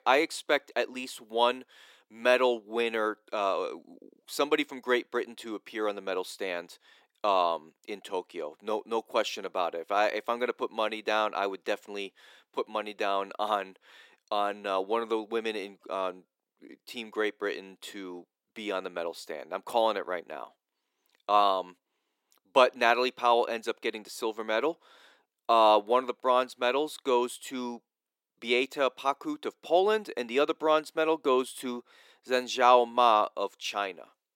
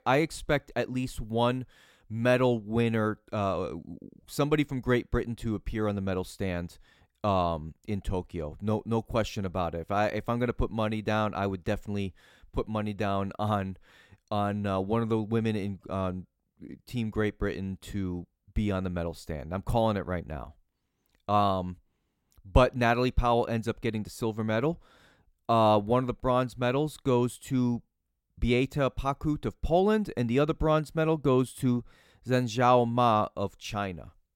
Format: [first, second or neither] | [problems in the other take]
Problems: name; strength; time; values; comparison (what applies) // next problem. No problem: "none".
second | thin; somewhat; fading below 350 Hz